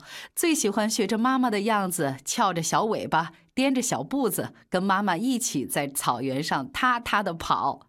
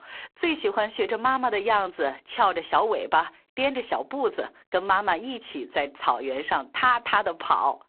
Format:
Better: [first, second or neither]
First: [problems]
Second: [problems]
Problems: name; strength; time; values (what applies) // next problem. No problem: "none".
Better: first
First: none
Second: phone-call audio; poor line